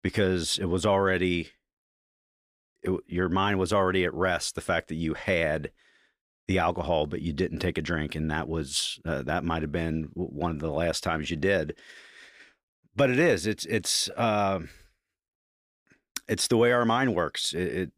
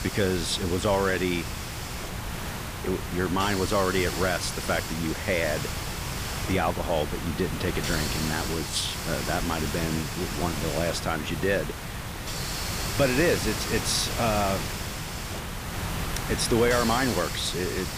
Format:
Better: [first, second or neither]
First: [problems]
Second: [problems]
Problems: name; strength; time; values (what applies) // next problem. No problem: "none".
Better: first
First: none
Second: hiss; loud; throughout; 4 dB below the speech